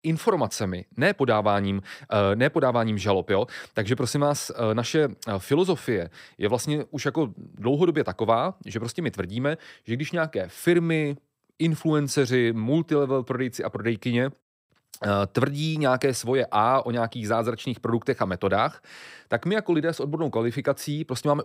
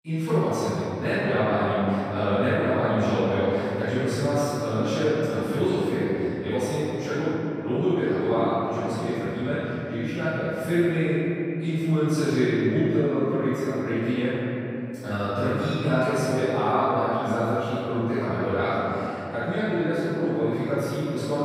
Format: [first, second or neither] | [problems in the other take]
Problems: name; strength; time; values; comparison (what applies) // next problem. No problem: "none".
first | off-mic speech; far // room echo; strong; dies away in 3 s